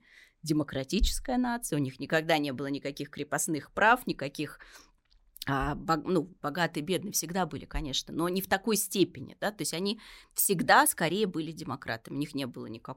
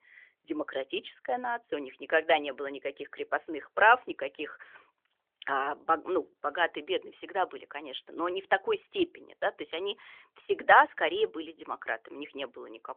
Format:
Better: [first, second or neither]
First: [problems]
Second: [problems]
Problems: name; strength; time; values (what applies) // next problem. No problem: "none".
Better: first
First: none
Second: phone-call audio; nothing above 3.5 kHz